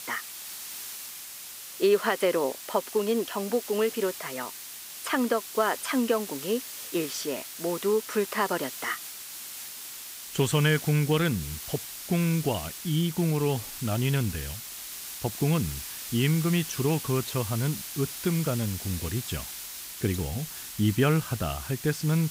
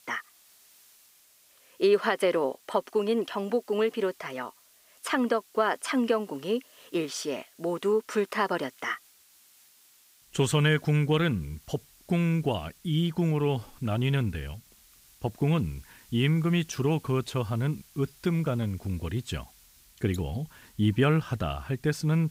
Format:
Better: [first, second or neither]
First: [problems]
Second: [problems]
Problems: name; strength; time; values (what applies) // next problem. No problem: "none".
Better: second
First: hiss; loud; throughout; 8 dB below the speech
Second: hiss; faint; throughout; 25 dB below the speech